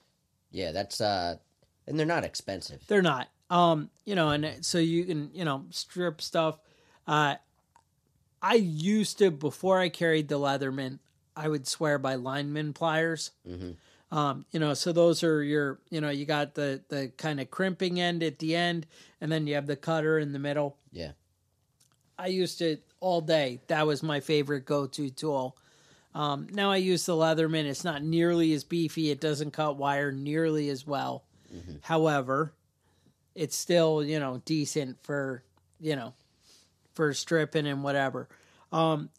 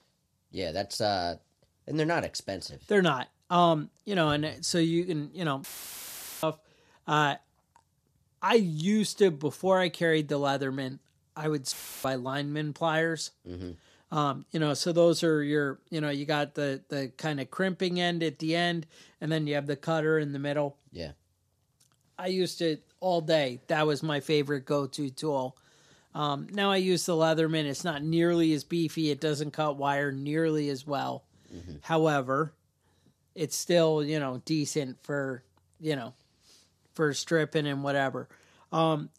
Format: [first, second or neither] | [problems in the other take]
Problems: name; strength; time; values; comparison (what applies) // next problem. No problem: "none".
first | audio cutting out; filled with static; at 5.5 s for 1 s and at 12 s